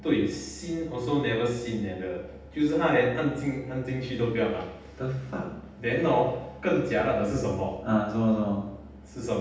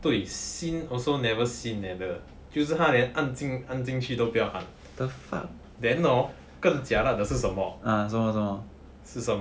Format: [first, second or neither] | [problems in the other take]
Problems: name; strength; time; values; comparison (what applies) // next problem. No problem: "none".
second | room echo; dies away in 0.8 s